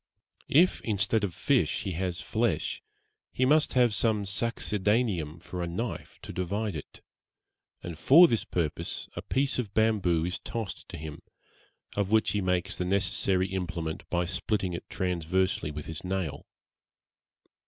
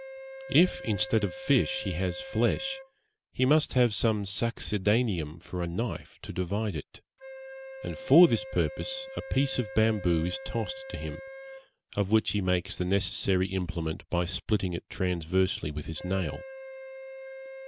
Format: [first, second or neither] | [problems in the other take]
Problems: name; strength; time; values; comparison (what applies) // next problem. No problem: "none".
first | background sound (Wind instrument, woodwind instrument); 16 dB below the speech